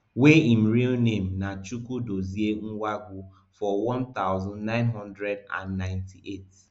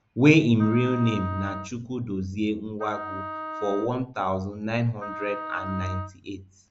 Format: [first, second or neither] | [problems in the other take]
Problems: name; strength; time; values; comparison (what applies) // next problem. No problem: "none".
first | background sound (Wind instrument, woodwind instrument); 11 dB below the speech